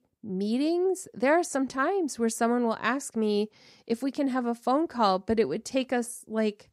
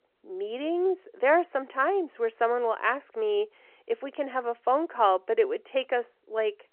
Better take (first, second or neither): first